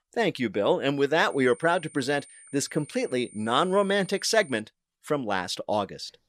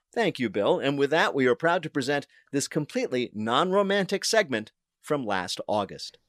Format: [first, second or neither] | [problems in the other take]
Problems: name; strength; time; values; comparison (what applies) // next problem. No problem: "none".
second | high-pitched whine; faint; from 1.5 to 4.5 s; 9 kHz, 20 dB below the speech